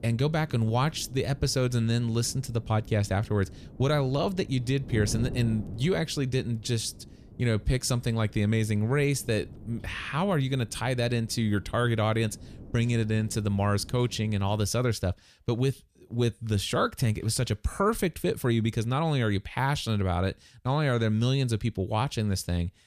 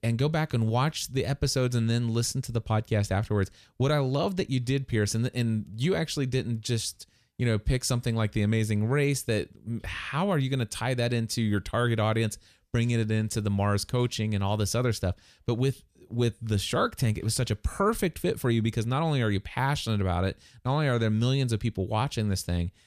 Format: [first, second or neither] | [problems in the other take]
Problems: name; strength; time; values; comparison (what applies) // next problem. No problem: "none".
second | wind noise on the microphone; occasional gusts; until 15 s; 20 dB below the speech